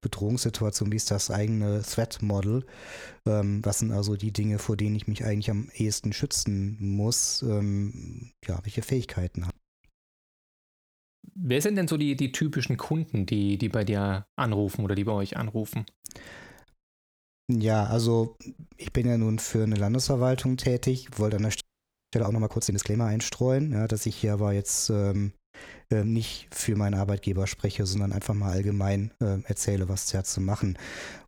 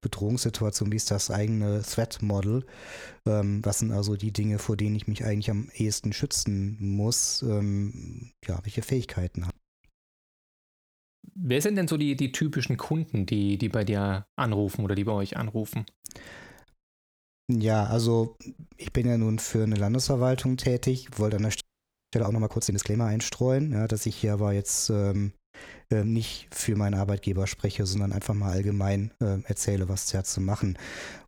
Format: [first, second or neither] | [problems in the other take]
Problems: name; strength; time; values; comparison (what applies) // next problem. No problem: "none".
neither | audio freezing; at 22 s for 0.5 s; the same in both